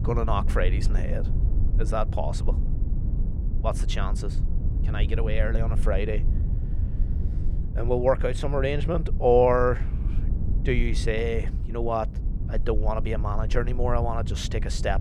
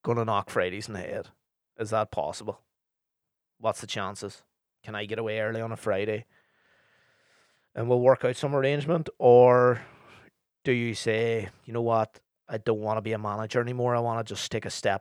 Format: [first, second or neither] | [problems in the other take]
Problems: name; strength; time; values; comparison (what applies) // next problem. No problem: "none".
second | low rumble; noticeable; throughout; 15 dB below the speech